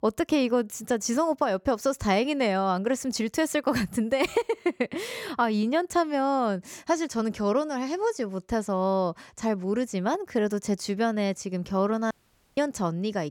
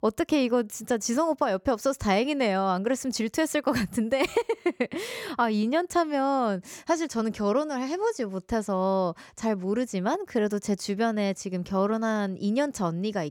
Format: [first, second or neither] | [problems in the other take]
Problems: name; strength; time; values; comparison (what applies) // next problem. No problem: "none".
second | audio cutting out; at 12 s